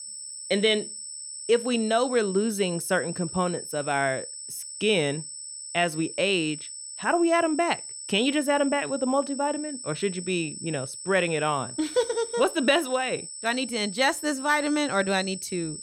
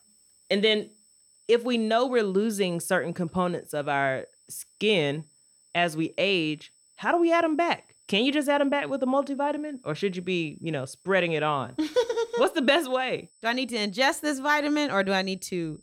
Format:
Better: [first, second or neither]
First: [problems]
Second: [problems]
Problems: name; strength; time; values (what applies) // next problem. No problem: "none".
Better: second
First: high-pitched whine; loud; throughout; 8 kHz, 10 dB below the speech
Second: high-pitched whine; faint; throughout; 8 kHz, 30 dB below the speech